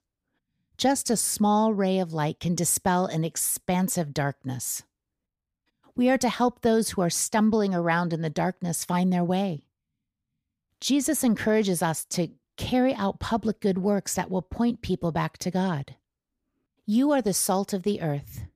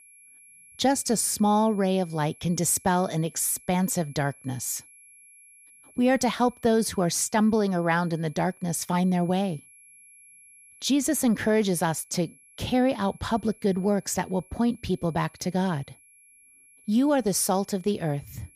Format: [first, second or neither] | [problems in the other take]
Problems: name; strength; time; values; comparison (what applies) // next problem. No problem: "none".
first | high-pitched whine; faint; throughout; 11 kHz, 25 dB below the speech